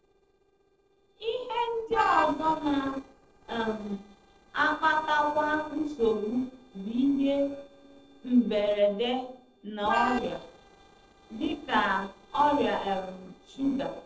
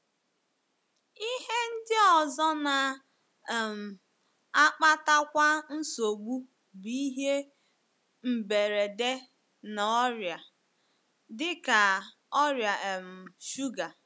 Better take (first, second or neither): second